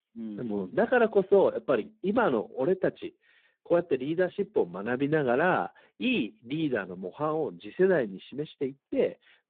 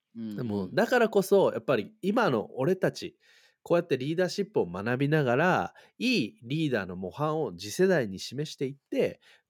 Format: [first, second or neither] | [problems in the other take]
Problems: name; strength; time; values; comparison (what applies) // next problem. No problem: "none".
second | phone-call audio; poor line